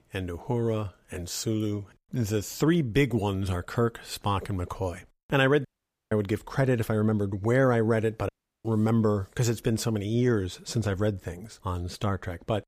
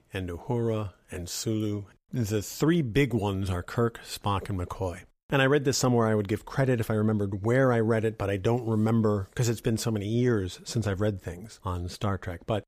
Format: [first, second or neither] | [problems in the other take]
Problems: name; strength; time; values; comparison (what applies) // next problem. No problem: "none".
second | audio cutting out; at 5.5 s and at 8.5 s